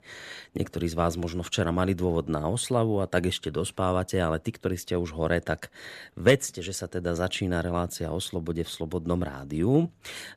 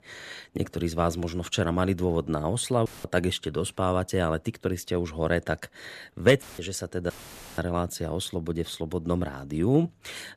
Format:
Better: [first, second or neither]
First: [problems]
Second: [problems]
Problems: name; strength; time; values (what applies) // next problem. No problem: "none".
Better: first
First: none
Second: audio cutting out; filled with static; at 3 s, at 6.5 s and at 7 s